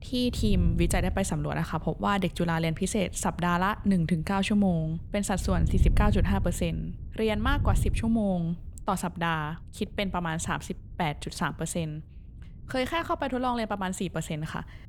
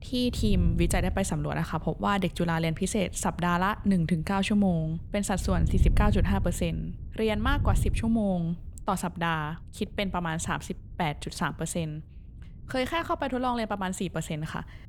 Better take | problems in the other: neither | wind noise on the microphone; occasional gusts; 20 dB below the speech; the same in both

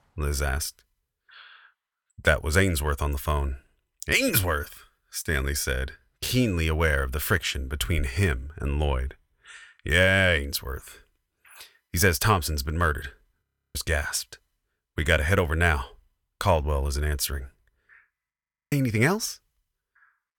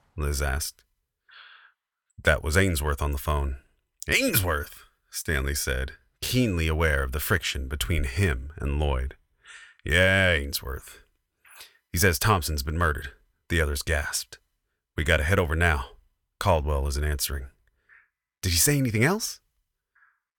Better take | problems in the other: second | audio freezing; at 13 s and at 18 s

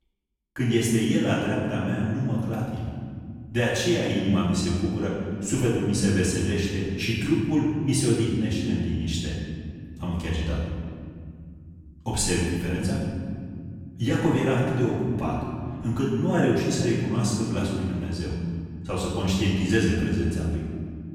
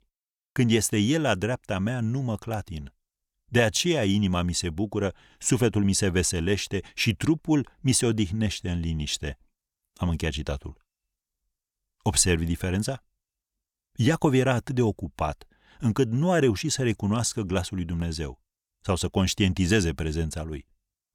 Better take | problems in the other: second | room echo; noticeable; dies away in 2.5 s // off-mic speech; far

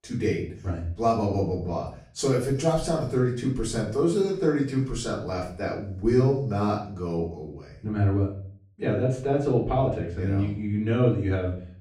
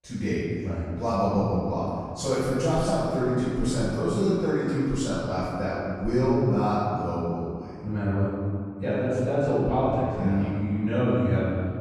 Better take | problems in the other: first | room echo; strong; dies away in 2 s; slight in the first // off-mic speech; far; far in the first

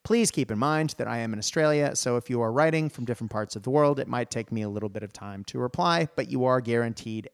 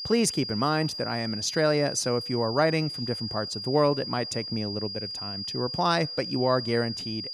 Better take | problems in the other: first | high-pitched whine; loud; throughout; 5 kHz, 6 dB below the speech

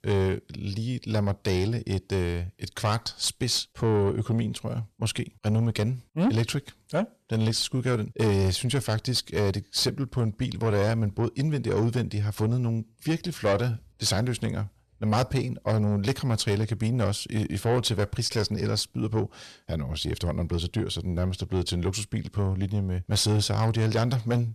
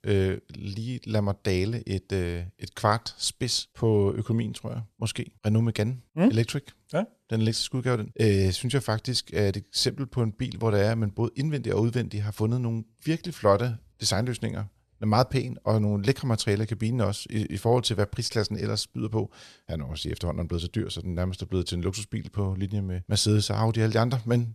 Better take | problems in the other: second | distortion; slight; 10 dB below the speech

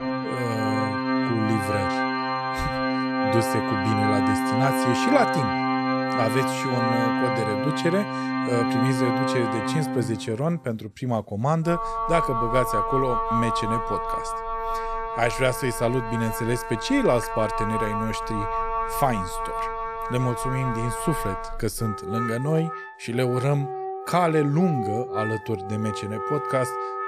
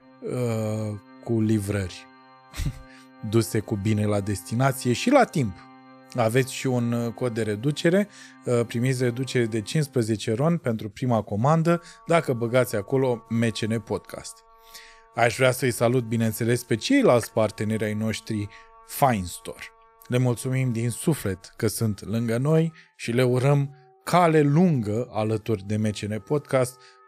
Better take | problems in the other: second | background music; loud; throughout; as loud as the speech; faint in the second

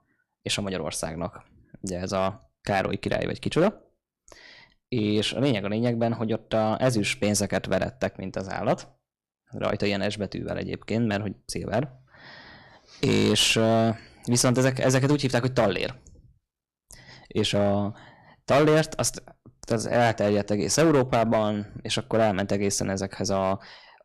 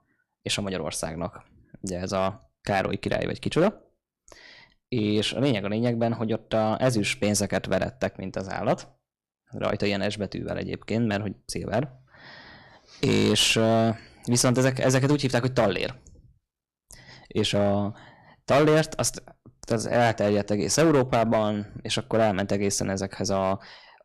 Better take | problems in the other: neither | distortion; slight; 4% of the sound clipped; the same in both

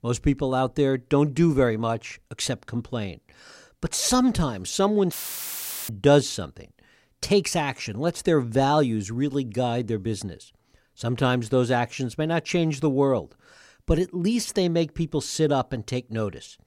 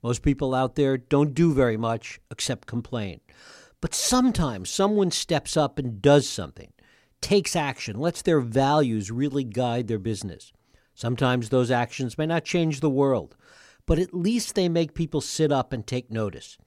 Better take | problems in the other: second | audio cutting out; filled with static; at 5 s for 1 s

